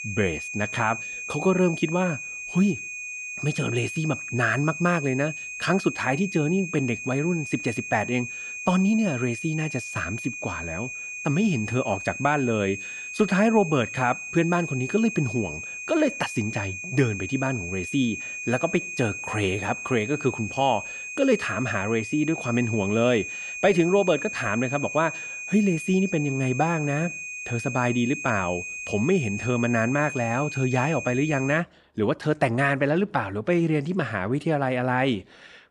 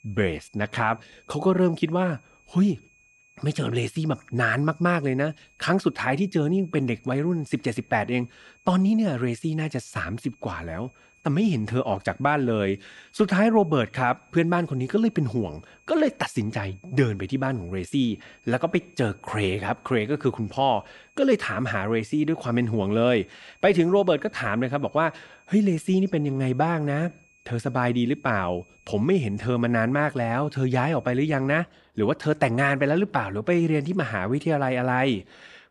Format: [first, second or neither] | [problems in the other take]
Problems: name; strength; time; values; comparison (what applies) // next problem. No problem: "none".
second | high-pitched whine; loud; until 32 s; 2.5 kHz, 7 dB below the speech; faint in the second